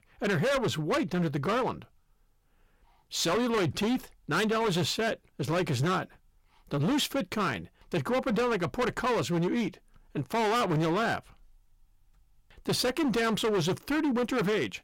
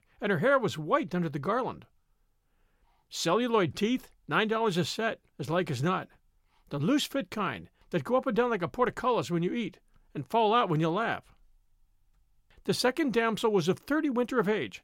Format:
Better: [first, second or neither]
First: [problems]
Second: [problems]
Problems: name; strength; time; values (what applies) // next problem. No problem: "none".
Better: second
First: distortion; heavy; 18% of the sound clipped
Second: none